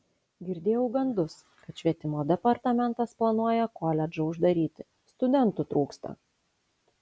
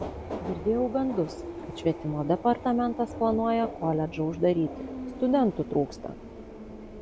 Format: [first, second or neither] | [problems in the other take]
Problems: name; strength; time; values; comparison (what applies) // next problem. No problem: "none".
first | background sound (Subway, metro, underground); 10 dB below the speech